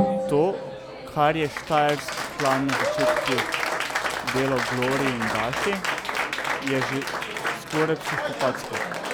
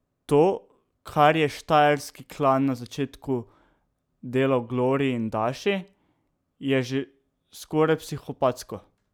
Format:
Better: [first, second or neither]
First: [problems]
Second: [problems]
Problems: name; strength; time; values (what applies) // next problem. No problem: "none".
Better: second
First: background sound (Applause); as loud as the speech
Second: none